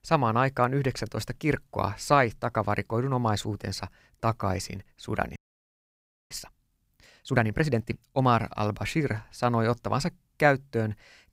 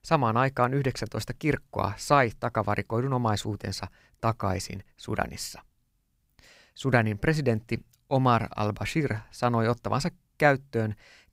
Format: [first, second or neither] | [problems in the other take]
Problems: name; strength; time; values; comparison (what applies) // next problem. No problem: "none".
second | audio freezing; at 5.5 s for 1 s